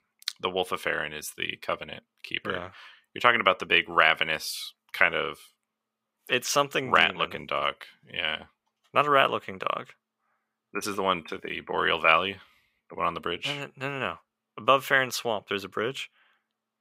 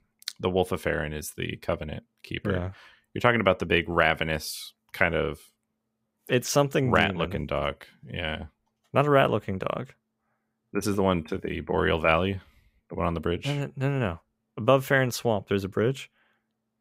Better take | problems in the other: second | thin; somewhat; fading below 550 Hz

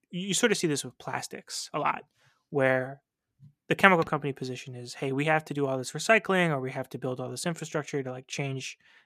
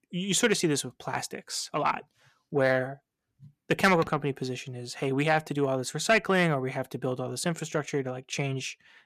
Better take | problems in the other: first | distortion; slight; 10 dB below the speech

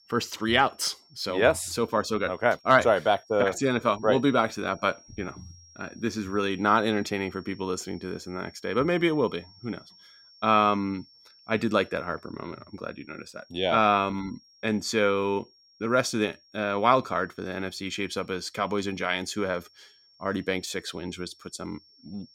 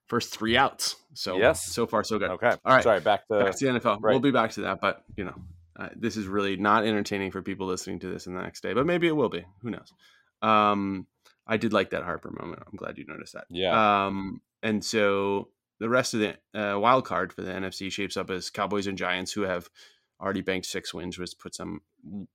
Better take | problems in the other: second | high-pitched whine; faint; throughout; 5.5 kHz, 30 dB below the speech

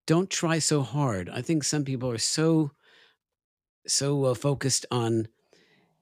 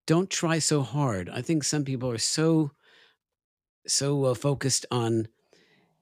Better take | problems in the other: neither | none

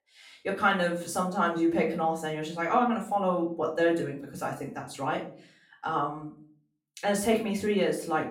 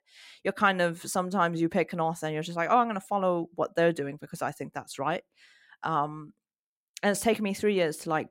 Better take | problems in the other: second | off-mic speech; far // room echo; slight; dies away in 0.4 s

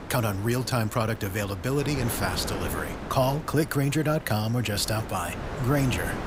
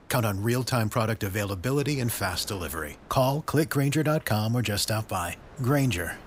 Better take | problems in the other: second | wind noise on the microphone; heavy; 9 dB below the speech; occasional gusts in the second

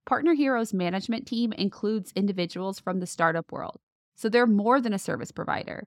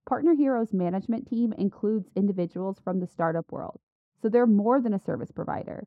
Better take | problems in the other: first | muffled; very; fading above 1.5 kHz

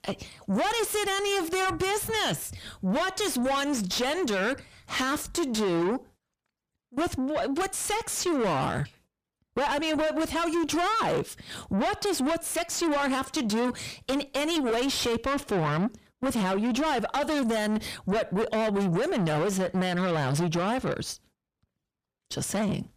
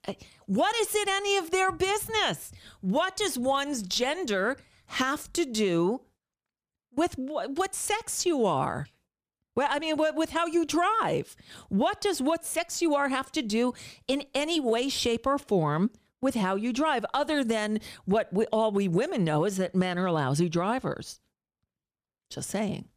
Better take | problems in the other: second | distortion; heavy; 7 dB below the speech

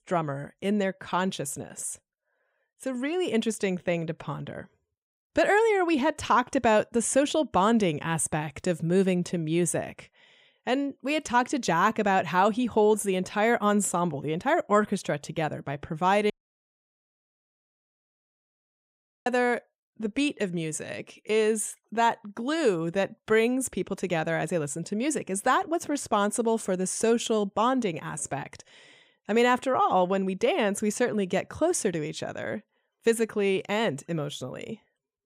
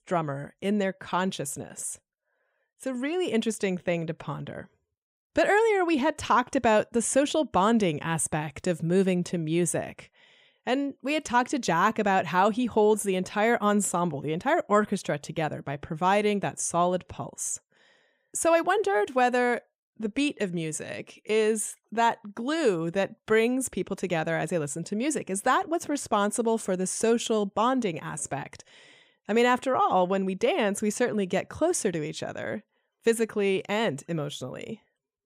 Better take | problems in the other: second | audio cutting out; at 16 s for 3 s

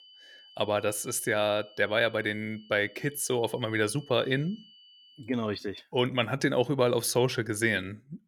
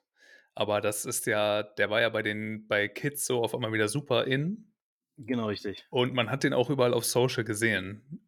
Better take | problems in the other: second | high-pitched whine; faint; until 5.5 s; 3 kHz, 25 dB below the speech

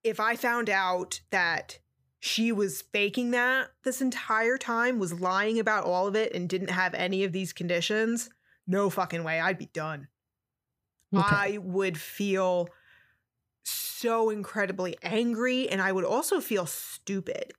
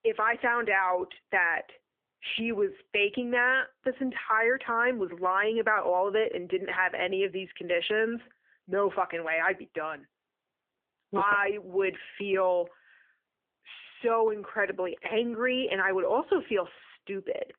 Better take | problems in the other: first | phone-call audio

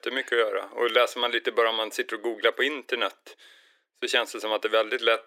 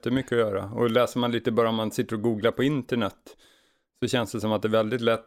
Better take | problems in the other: second | thin; very; fading below 350 Hz

